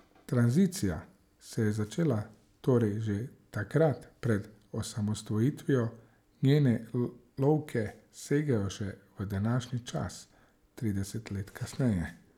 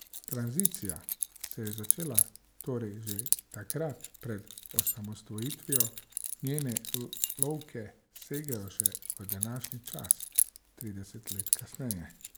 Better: first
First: none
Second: background sound (Keys jangling); 5 dB above the speech

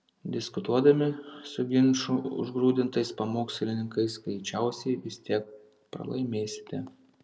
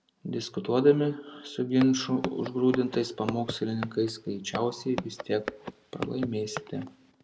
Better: first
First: none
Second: background sound (Walk, footsteps); 11 dB below the speech

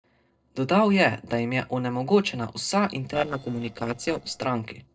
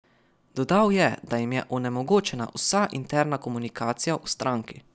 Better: second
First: noise reduction (neural separator model SepFormer DNS4)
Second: none

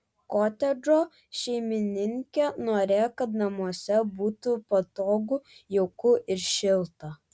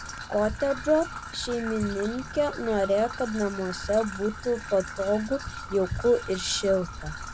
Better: first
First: none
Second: background sound (Trickle, dribble / Traffic noise, roadway noise); 10 dB below the speech

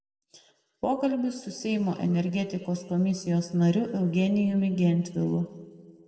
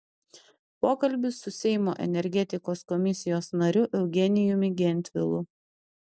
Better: second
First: room echo; dies away in 1.4 s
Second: none

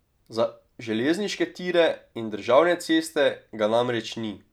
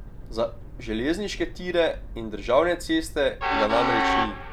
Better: first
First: none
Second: background sound (Train); 3 dB below the speech

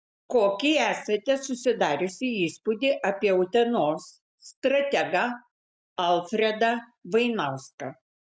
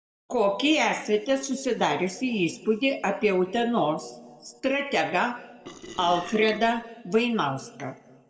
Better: first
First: none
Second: noise reduction (neural separator model SepFormer DNS4)

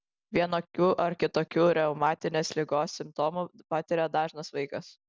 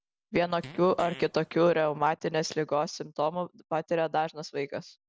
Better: first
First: none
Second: background sound (Fart); 17 dB below the speech

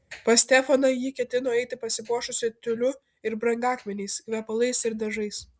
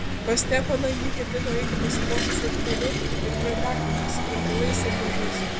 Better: first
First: none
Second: background sound (Engine / Vehicle); 5 dB above the speech

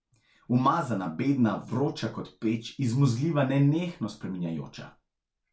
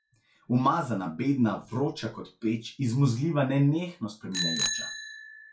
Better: first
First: none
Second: noise reduction (classical method log-MMSE)

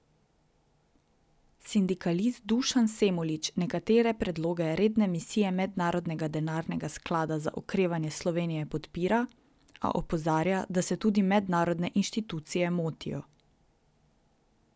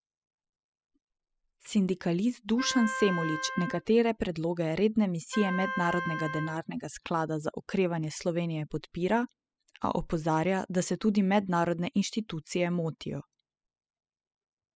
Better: first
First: none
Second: noise reduction (classical method spectral subtraction)

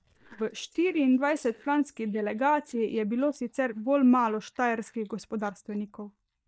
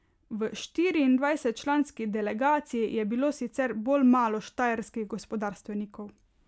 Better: second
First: noise reduction (neural mask model DeepFilterNet 3)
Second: none

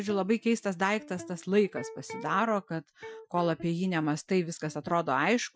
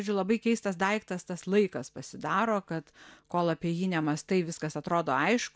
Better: second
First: noise reduction (classical method Wiener filter)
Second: none

